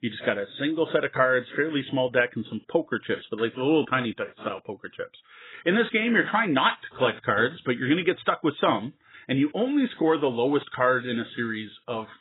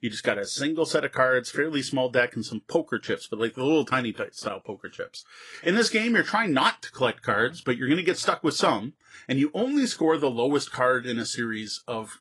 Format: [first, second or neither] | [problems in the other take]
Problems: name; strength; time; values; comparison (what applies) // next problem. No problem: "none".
second | garbled, watery; badly; nothing above 4 kHz; slightly in the second